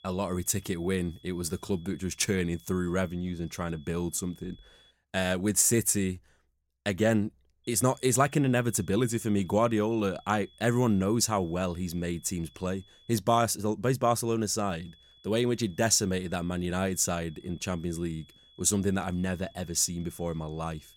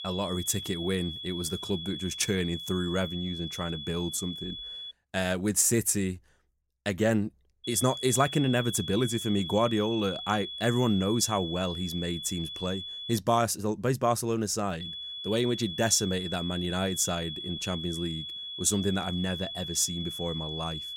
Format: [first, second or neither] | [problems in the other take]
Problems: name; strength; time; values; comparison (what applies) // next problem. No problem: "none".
first | high-pitched whine; loud; until 5 s, from 7.5 to 13 s and from 15 s on; 3.5 kHz, 7 dB below the speech; faint in the first